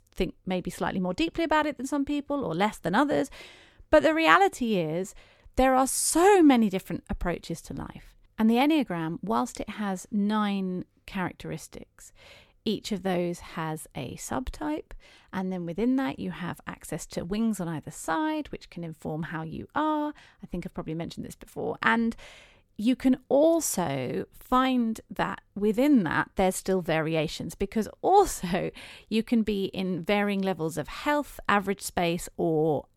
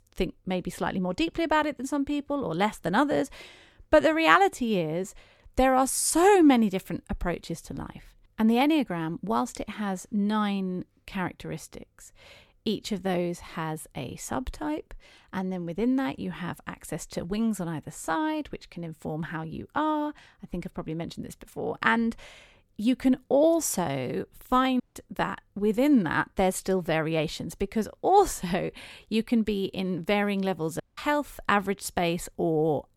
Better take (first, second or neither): first